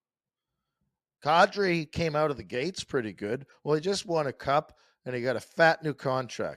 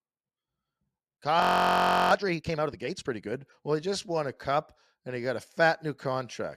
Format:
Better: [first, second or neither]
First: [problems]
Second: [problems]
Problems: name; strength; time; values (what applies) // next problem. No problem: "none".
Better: first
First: none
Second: audio freezing; at 1.5 s for 0.5 s